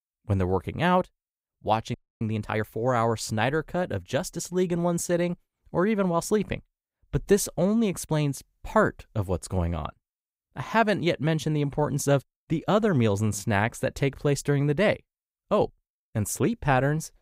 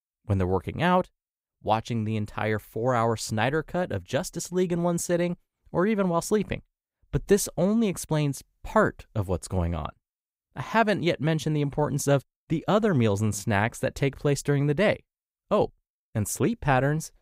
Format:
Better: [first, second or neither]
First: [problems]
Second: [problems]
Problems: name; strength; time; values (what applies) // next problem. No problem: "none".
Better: second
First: audio freezing; at 2 s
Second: none